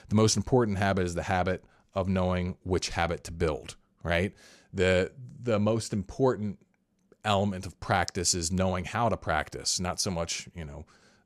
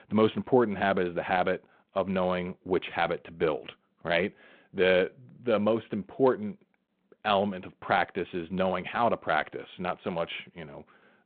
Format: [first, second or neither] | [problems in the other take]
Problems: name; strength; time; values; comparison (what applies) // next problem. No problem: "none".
first | phone-call audio; nothing above 3.5 kHz